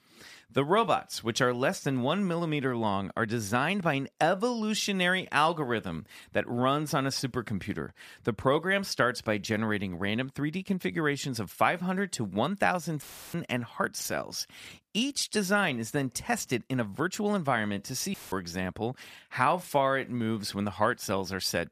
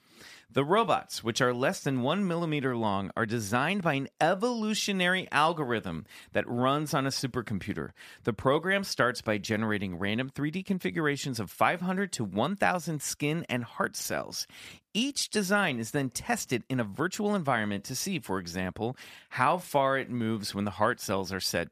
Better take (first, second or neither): second